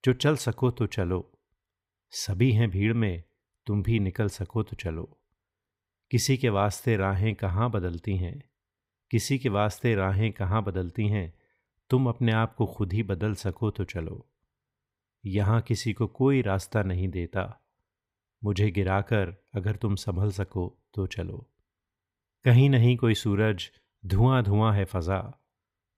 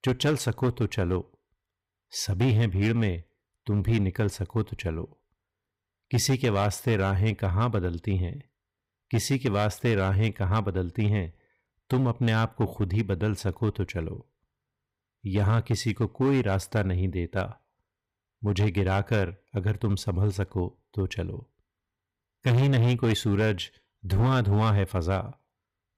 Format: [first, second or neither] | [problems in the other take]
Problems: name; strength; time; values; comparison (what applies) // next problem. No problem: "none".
first | distortion; slight; 7% of the sound clipped